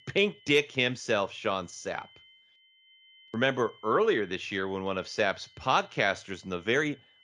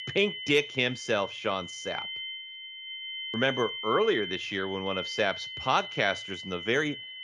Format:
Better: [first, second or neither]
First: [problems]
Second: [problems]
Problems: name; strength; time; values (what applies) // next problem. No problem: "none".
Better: first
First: high-pitched whine; faint; throughout; 3 kHz, 30 dB below the speech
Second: high-pitched whine; loud; throughout; 3 kHz, 7 dB below the speech